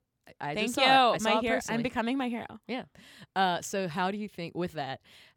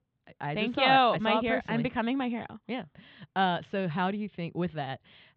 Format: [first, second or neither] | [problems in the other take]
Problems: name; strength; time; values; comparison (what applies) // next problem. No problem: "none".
first | muffled; very slightly; fading above 3.5 kHz